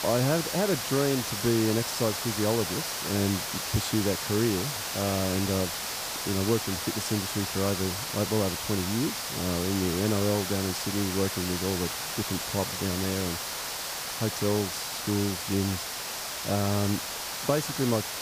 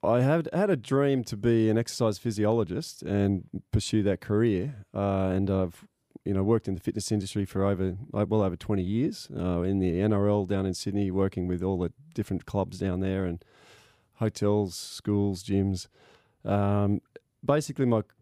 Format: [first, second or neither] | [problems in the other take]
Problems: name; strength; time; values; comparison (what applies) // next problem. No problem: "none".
second | hiss; loud; throughout; 2 dB below the speech